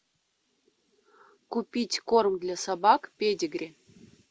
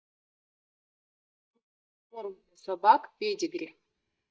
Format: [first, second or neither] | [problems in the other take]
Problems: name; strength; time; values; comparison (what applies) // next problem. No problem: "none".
first | noise reduction (neural mask model DeepFilterNet 3)